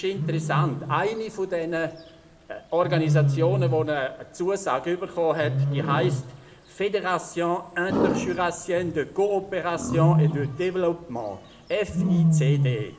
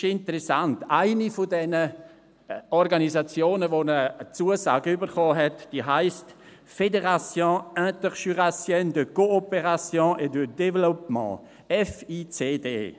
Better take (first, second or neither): second